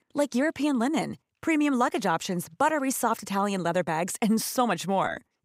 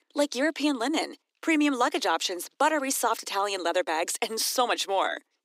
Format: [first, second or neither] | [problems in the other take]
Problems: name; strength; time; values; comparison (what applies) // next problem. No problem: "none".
first | thin; very slightly; fading below 300 Hz